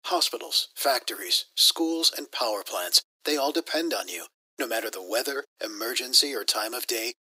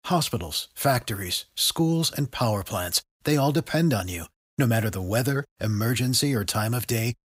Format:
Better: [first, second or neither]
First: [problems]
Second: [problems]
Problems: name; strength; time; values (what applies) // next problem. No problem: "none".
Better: second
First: thin; very; fading below 300 Hz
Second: none